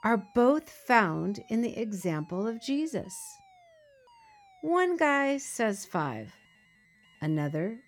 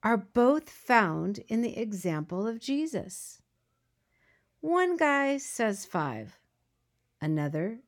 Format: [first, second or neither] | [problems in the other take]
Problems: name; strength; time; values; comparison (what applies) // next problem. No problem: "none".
second | alarms or sirens; faint; throughout; 30 dB below the speech